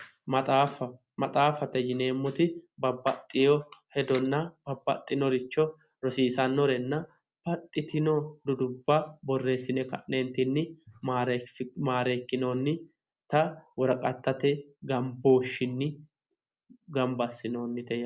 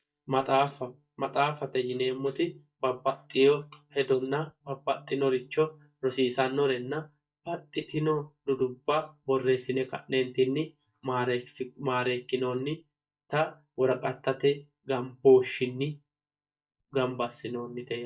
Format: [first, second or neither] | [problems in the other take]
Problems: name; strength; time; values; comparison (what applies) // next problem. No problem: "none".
first | noise reduction (neural mask model DeepFilterNet 3)